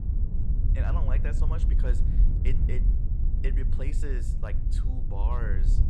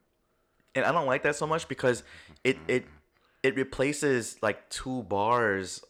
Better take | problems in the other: second | wind noise on the microphone; heavy; 4 dB below the speech

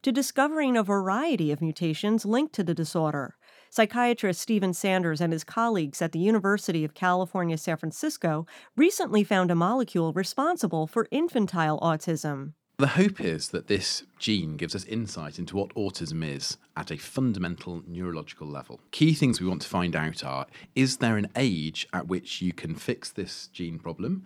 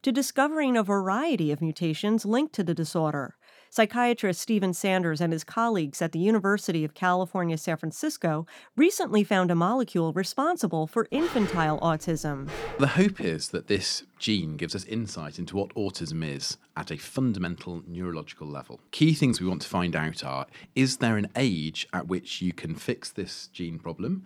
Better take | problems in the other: first | dog barking; noticeable; from 11 to 13 s; peak 7 dB below the speech

